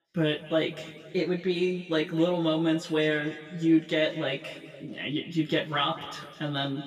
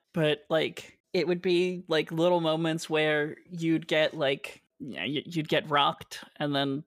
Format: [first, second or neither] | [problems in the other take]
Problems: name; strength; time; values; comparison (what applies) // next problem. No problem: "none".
second | room echo; slight; dies away in 1.9 s // off-mic speech; far